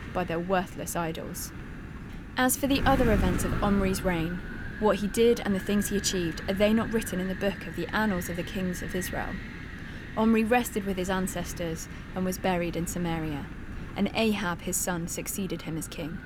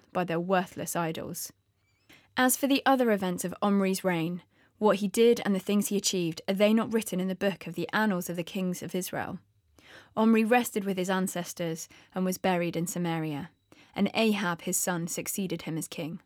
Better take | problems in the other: second | wind noise on the microphone; occasional gusts; 10 dB below the speech

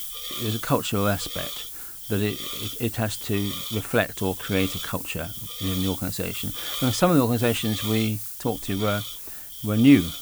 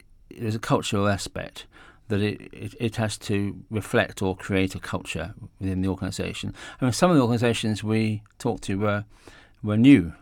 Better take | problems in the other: second | hiss; loud; throughout; 6 dB below the speech

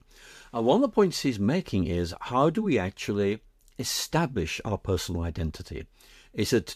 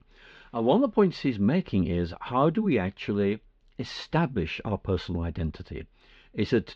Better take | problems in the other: first | muffled; slightly; fading above 3.5 kHz

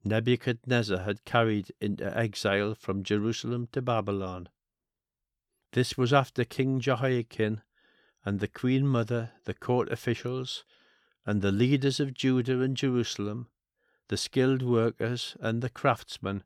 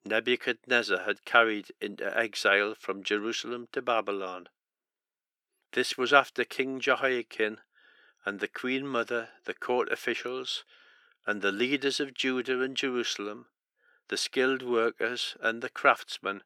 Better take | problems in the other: first | thin; somewhat; fading below 350 Hz

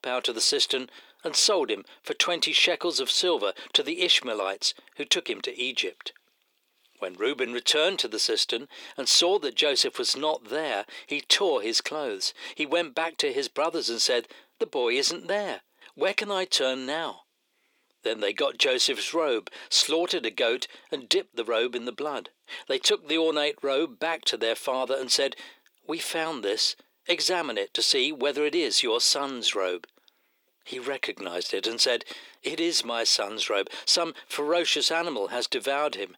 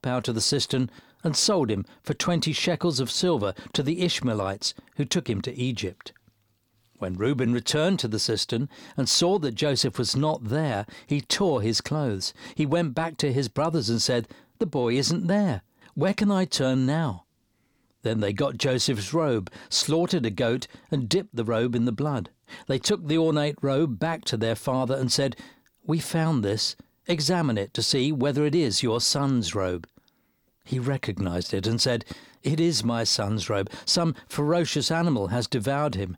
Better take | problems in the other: second | thin; very; fading below 400 Hz

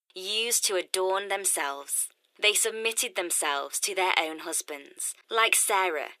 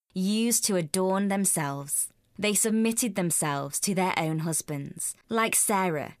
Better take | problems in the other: second | thin; very; fading below 350 Hz

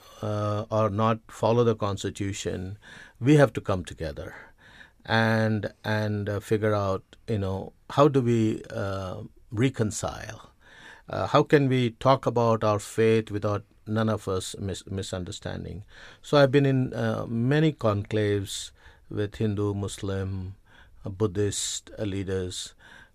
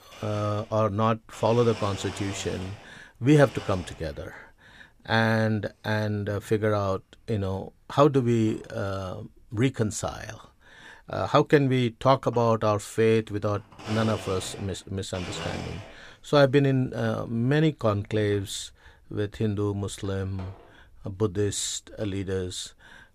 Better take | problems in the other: first | household noises; noticeable; throughout; 15 dB below the speech

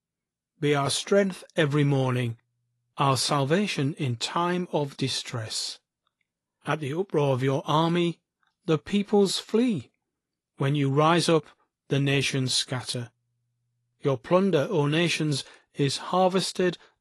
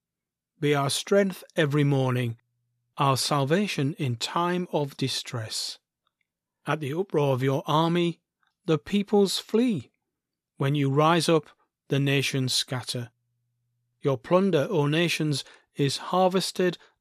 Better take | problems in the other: second | garbled, watery; slightly; nothing above 11 kHz

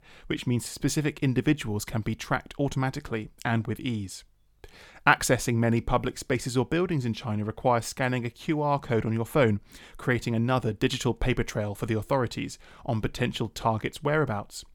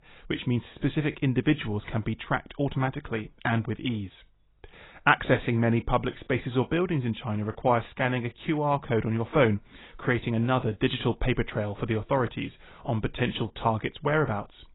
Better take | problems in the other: first | garbled, watery; badly; nothing above 4 kHz

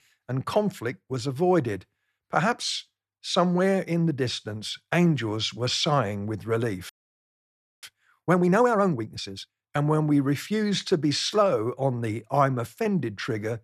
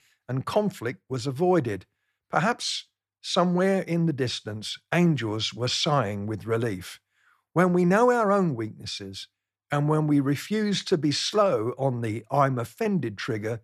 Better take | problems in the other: second | audio freezing; at 7 s for 1 s

